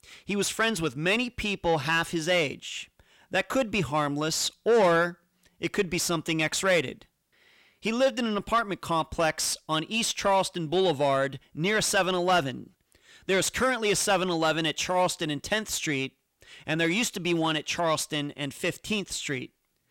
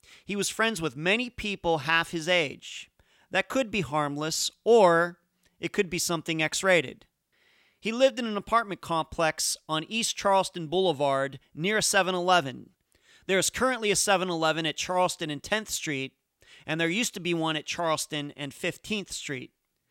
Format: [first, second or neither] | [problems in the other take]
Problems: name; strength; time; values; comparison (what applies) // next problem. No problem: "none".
second | distortion; slight; 10 dB below the speech